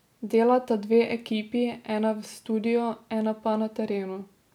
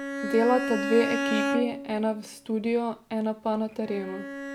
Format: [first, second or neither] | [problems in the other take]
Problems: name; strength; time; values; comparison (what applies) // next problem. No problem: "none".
first | background sound (Bowed string instrument); 5 dB below the speech